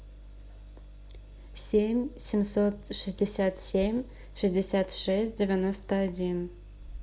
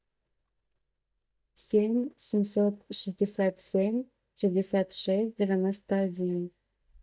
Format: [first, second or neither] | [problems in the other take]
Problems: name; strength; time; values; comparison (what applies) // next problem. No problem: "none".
first | noise reduction (neural mask model DeepFilterNet 3)